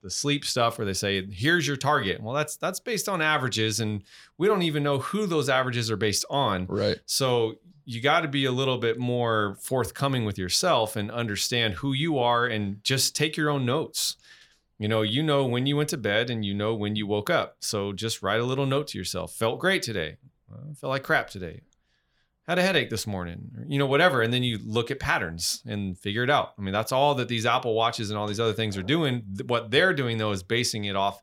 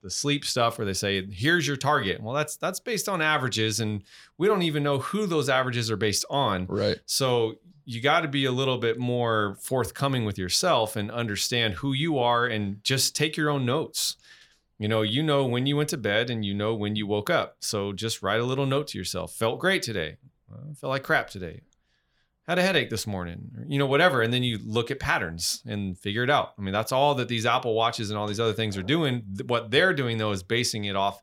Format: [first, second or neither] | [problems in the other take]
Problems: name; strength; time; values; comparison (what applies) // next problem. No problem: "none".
neither | none